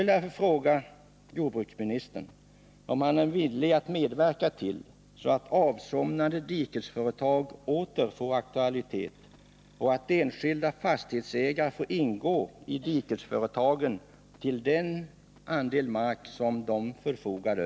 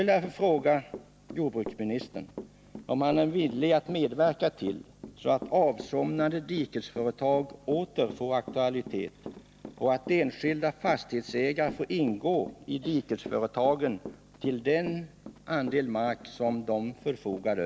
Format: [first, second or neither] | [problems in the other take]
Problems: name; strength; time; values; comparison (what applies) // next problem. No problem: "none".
first | background sound (Walk, footsteps / Run); 17 dB below the speech